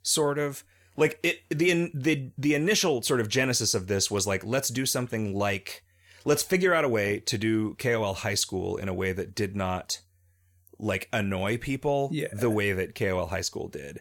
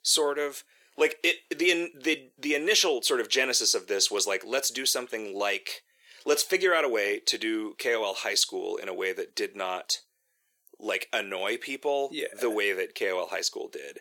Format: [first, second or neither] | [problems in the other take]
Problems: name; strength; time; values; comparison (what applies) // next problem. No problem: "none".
first | thin; somewhat; fading below 350 Hz